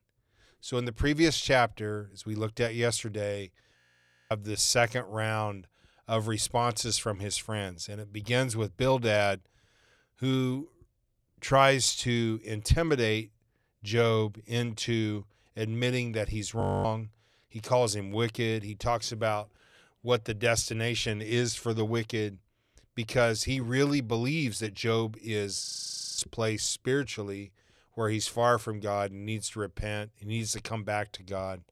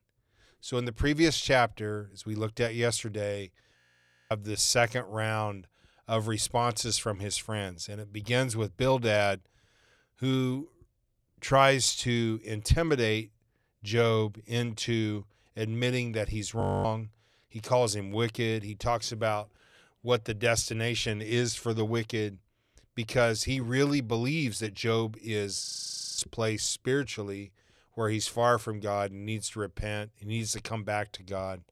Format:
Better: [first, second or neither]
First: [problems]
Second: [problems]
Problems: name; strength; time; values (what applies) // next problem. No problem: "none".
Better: neither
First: audio freezing; at 4 s for 0.5 s, at 17 s and at 26 s for 0.5 s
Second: audio freezing; at 4 s for 0.5 s, at 17 s and at 26 s for 0.5 s